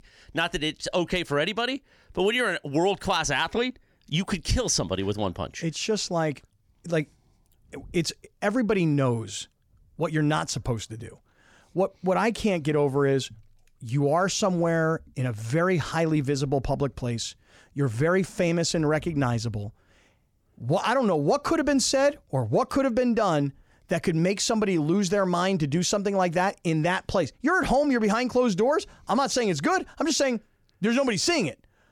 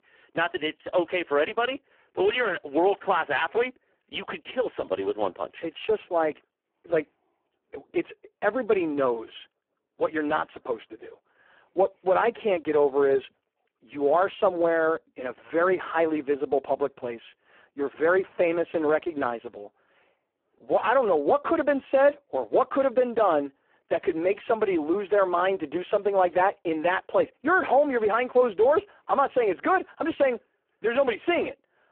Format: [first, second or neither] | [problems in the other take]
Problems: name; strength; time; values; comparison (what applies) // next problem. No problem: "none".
first | phone-call audio; poor line